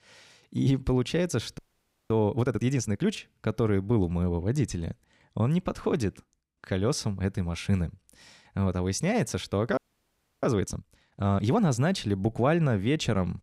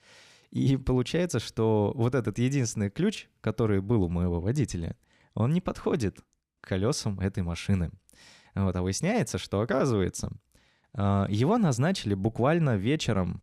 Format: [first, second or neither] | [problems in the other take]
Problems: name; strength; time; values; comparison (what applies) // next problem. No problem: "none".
second | audio freezing; at 1.5 s for 0.5 s and at 10 s for 0.5 s